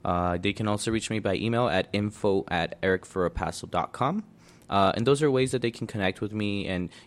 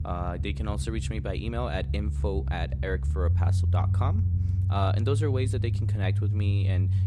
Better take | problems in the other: first | low rumble; loud; throughout; 8 dB below the speech

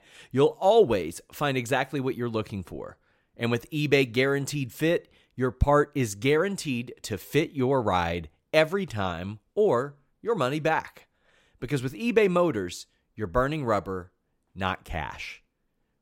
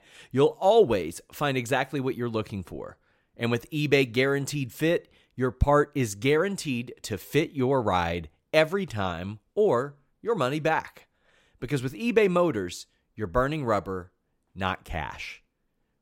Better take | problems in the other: neither | none

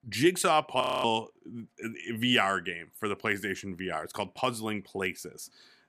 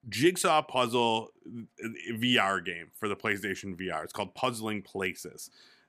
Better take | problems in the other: second | audio freezing; at 1 s

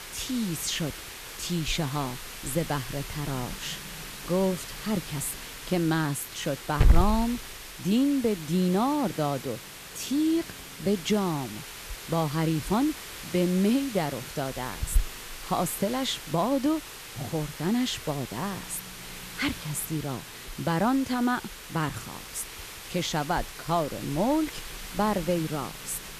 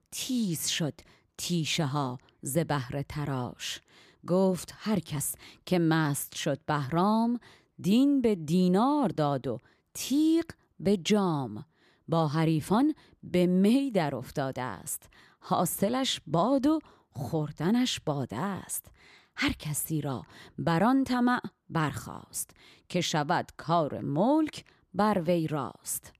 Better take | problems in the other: second | hiss; loud; throughout; 8 dB below the speech

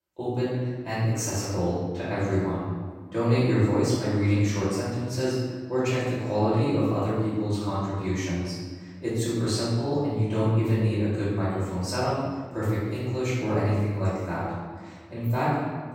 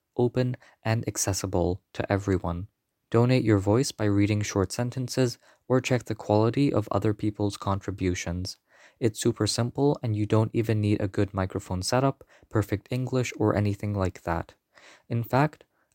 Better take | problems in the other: second | off-mic speech; far // room echo; strong; dies away in 1.4 s

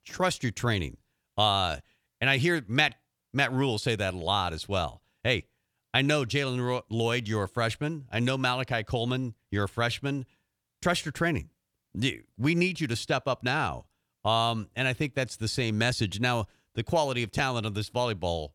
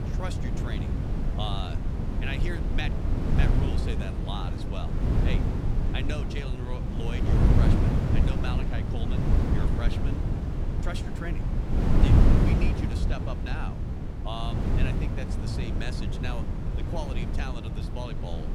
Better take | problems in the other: first | wind noise on the microphone; heavy; 2 dB above the speech

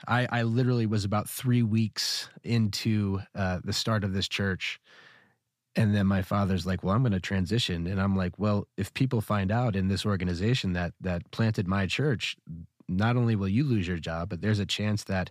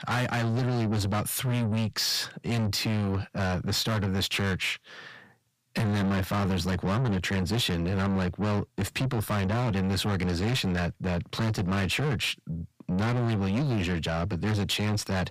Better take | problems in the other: first | distortion; heavy; 7 dB below the speech

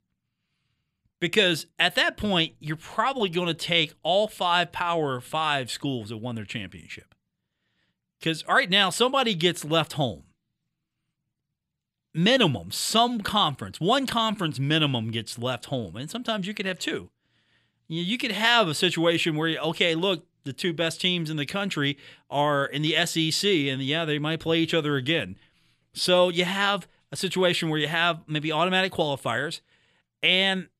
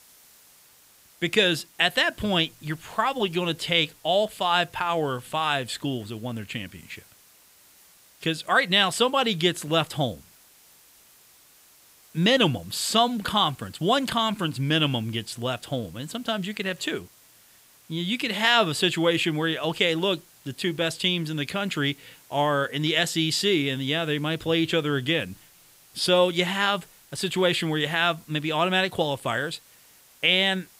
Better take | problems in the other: first | hiss; faint; throughout; 30 dB below the speech

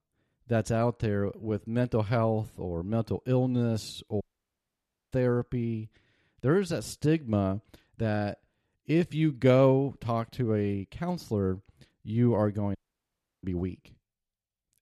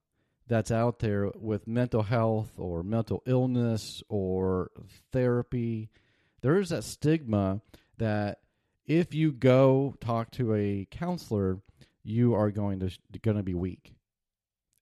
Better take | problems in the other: second | audio cutting out; at 4 s for 1 s and at 13 s for 0.5 s

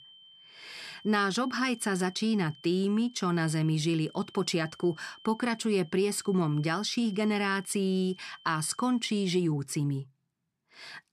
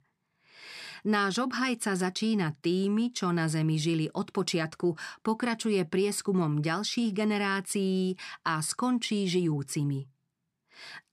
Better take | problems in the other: second | high-pitched whine; faint; until 9 s; 3 kHz, 25 dB below the speech

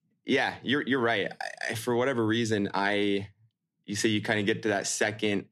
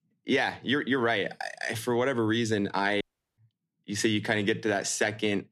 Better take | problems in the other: first | audio cutting out; at 3 s

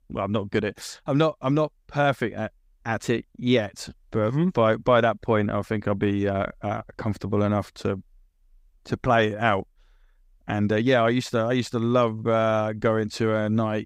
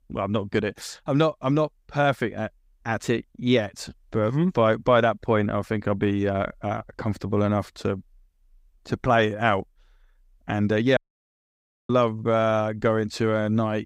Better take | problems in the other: first | audio cutting out; at 11 s for 1 s

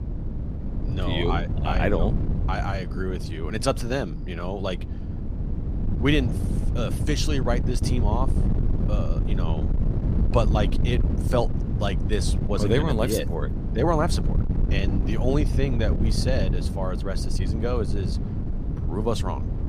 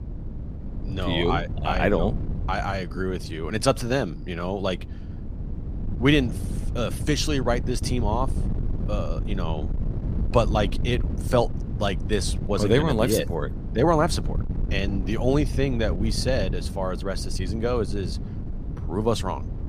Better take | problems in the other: second | wind noise on the microphone; heavy; 9 dB below the speech; occasional gusts in the second

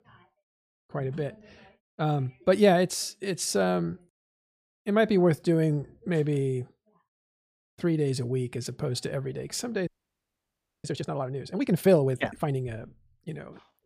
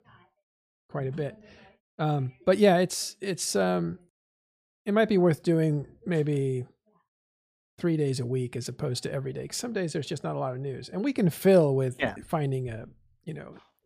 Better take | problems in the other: second | audio freezing; at 10 s for 1 s

